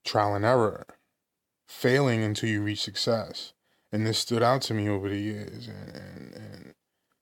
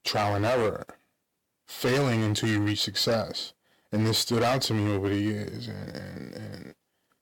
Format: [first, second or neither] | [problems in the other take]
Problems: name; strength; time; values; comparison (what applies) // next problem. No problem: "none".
first | distortion; heavy; 10% of the sound clipped